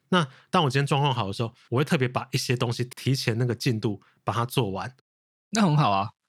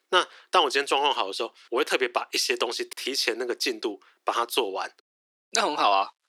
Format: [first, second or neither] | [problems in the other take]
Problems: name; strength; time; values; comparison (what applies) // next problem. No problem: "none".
first | thin; very; fading below 350 Hz